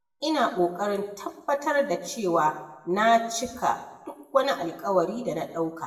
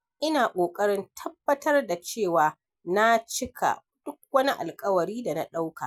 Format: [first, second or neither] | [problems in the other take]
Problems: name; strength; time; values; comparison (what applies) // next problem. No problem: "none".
second | room echo; dies away in 0.8 s